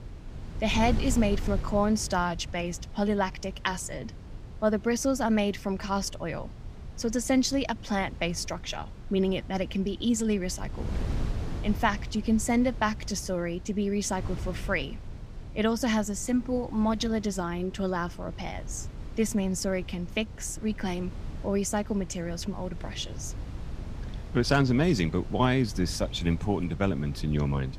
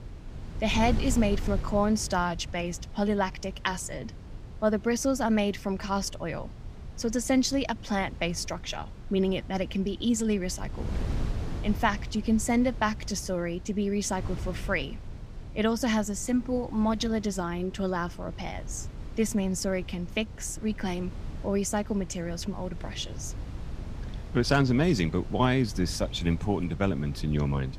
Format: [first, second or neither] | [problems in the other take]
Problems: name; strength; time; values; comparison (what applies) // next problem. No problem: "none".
neither | wind noise on the microphone; occasional gusts; 20 dB below the speech; the same in both